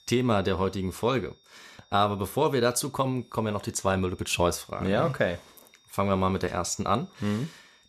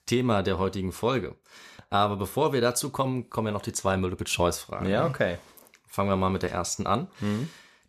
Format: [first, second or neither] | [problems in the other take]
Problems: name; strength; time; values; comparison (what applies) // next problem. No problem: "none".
second | high-pitched whine; faint; throughout; 3.5 kHz, 30 dB below the speech